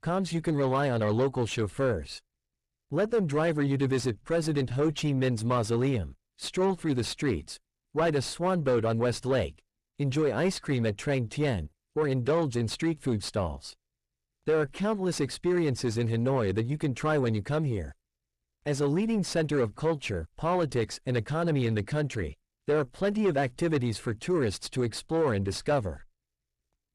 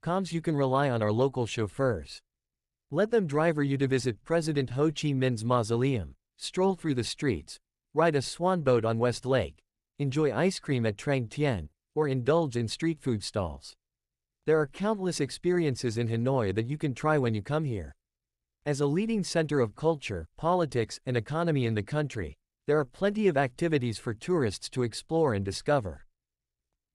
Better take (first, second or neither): second